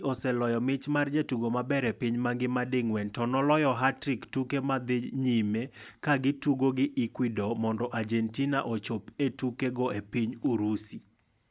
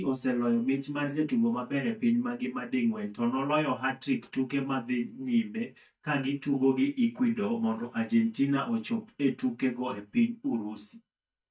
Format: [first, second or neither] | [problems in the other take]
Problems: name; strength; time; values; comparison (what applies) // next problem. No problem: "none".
first | noise reduction (neural mask model DeepFilterNet 3)